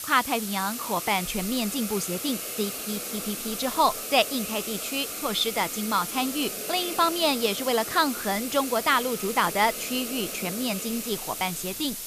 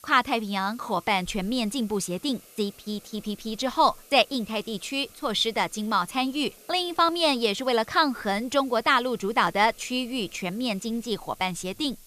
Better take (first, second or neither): second